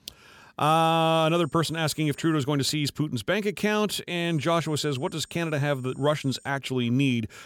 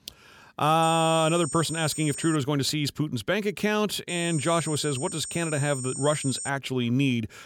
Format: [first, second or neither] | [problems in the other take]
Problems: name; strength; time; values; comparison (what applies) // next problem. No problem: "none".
first | high-pitched whine; loud; from 1 to 2.5 s and from 4 to 6.5 s; 8.5 kHz, 8 dB below the speech; faint in the first